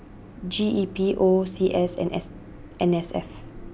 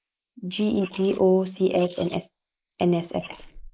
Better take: first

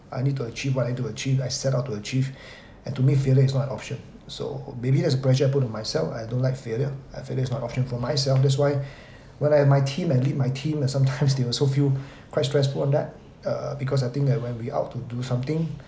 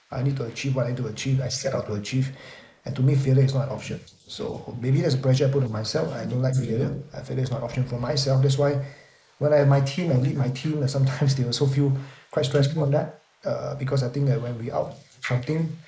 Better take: first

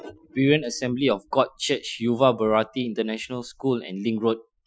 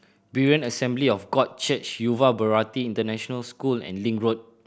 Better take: second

